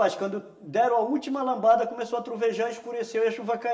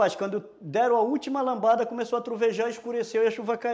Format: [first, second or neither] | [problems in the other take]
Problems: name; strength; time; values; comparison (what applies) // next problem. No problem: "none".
second | room echo; dies away in 0.7 s